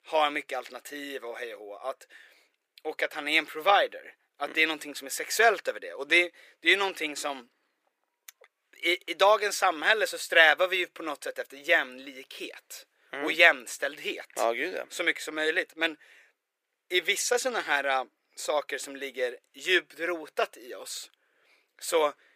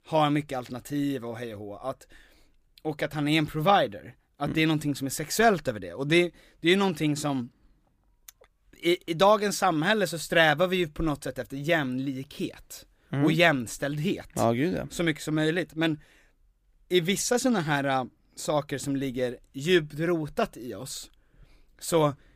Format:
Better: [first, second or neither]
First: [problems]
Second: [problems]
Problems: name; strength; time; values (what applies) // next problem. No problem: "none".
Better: second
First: thin; very; fading below 450 Hz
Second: none